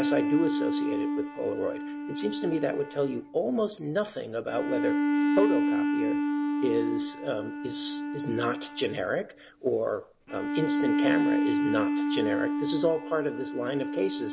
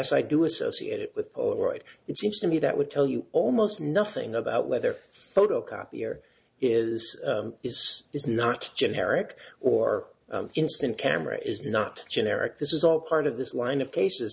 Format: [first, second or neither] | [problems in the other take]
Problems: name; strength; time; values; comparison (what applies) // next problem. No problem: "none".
second | background sound (Bowed string instrument); 1 dB above the speech